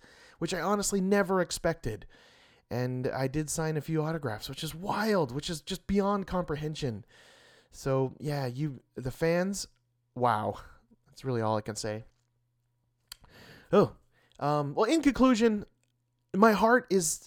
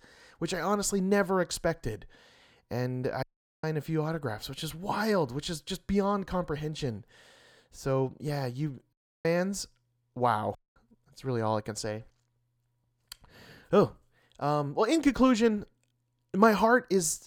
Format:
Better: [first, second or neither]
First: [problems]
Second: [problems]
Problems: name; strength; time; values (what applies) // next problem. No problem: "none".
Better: first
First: none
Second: audio cutting out; at 3 s, at 9 s and at 11 s